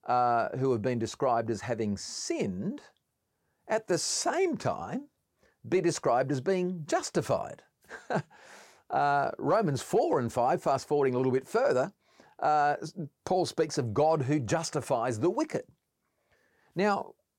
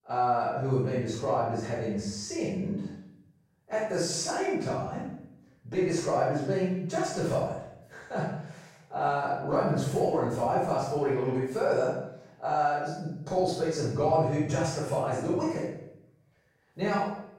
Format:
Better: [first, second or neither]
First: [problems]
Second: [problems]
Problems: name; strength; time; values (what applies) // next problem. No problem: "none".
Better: first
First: none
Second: off-mic speech; far // room echo; strong; dies away in 0.7 s